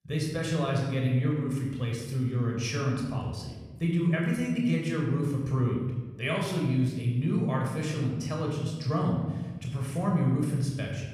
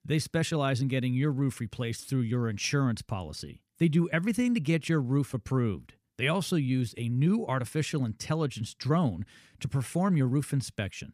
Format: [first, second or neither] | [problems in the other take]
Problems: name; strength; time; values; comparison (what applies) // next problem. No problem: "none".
second | off-mic speech; somewhat distant // room echo; noticeable; dies away in 1.2 s